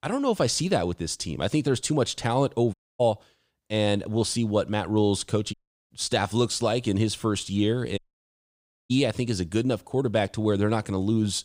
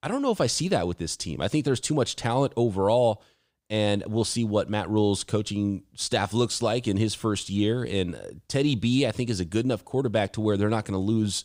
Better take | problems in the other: second | audio cutting out; at 2.5 s, at 5.5 s and at 8 s for 1 s

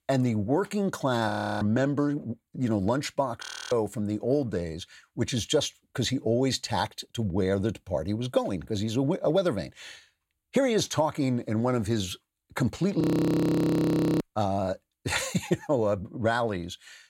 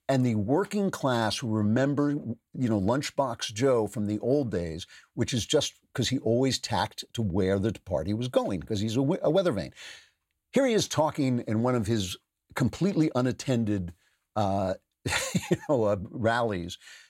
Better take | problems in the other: second | audio freezing; at 1.5 s, at 3.5 s and at 13 s for 1 s

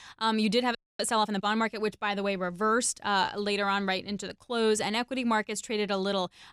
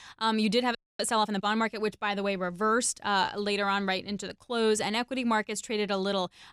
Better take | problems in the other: neither | audio freezing; at 1 s; the same in both

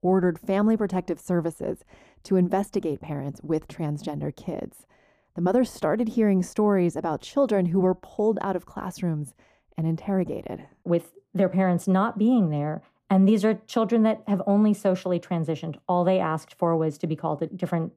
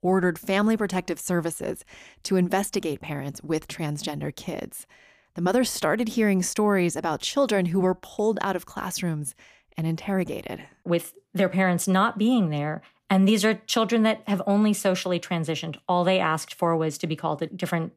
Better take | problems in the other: second | muffled; slightly; fading above 1.5 kHz

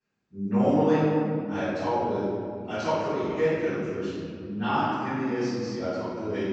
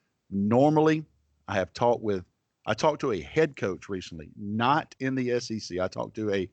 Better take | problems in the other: second | off-mic speech; far // room echo; strong; dies away in 2.4 s

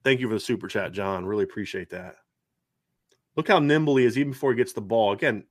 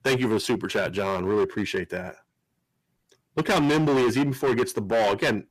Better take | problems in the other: first | distortion; heavy; 15% of the sound clipped

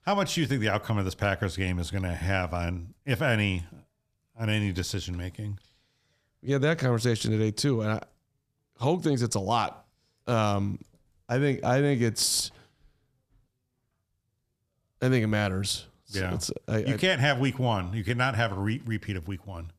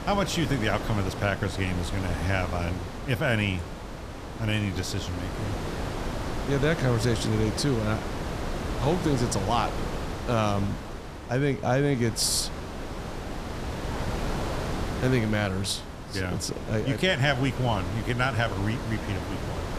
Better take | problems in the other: first | wind noise on the microphone; heavy; 7 dB below the speech

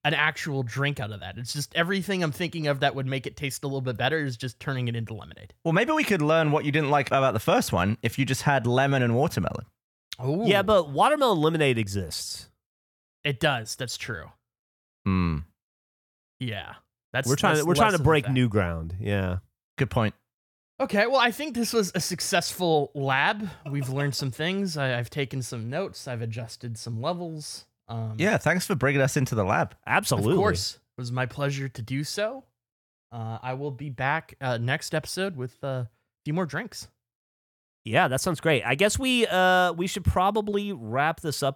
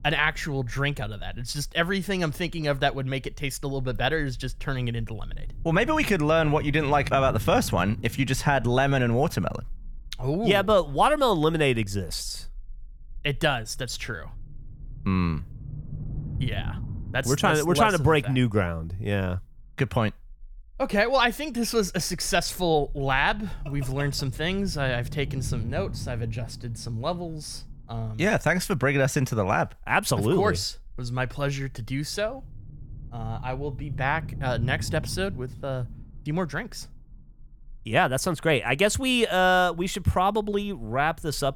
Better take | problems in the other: first | low rumble; faint; throughout; 25 dB below the speech

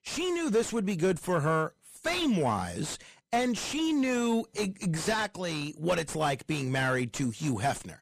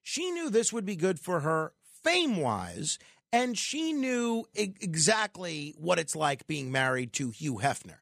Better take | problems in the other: second | distortion; heavy; 6 dB below the speech

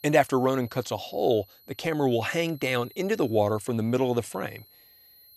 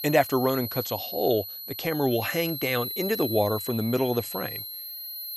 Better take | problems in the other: first | high-pitched whine; loud; throughout; 11.5 kHz, 6 dB below the speech; faint in the first

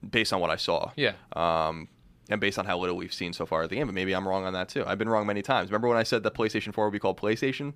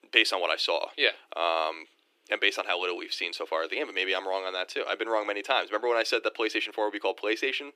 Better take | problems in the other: first | thin; very; fading below 300 Hz

